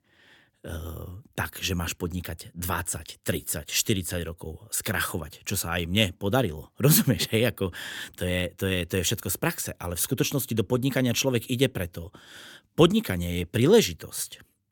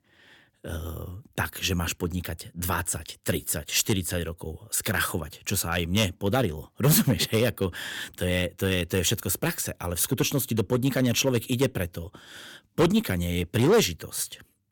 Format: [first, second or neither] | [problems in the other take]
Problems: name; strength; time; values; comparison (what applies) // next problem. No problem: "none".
first | distortion; slight; 2% of the sound clipped